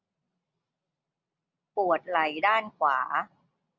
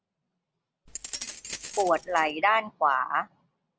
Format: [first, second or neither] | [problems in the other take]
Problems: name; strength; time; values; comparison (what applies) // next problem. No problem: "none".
first | background sound (Keys jangling); 10 dB below the speech